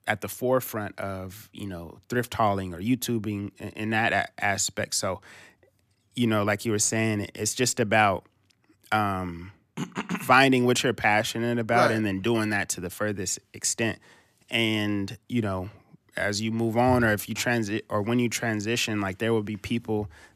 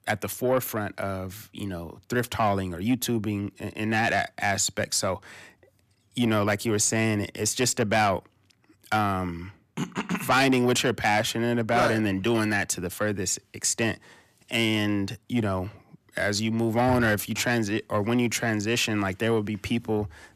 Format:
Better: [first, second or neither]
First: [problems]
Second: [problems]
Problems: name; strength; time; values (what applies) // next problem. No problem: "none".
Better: first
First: none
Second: distortion; slight; 10 dB below the speech